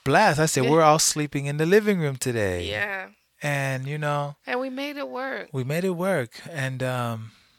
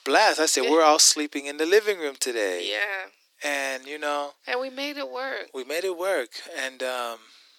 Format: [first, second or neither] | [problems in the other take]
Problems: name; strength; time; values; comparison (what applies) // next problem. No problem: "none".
first | thin; somewhat; fading below 300 Hz